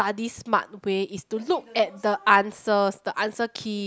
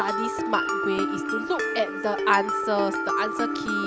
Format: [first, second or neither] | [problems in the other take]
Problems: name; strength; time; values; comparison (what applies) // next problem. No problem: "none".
first | background sound (Mallet percussion); as loud as the speech